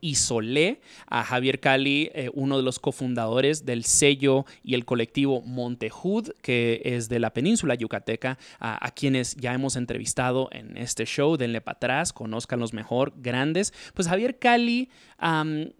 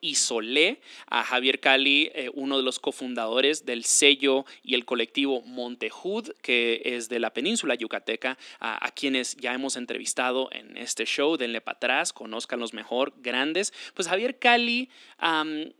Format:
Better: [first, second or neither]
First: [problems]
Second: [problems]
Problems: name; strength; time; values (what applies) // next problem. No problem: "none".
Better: first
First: none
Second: thin; very slightly; fading below 250 Hz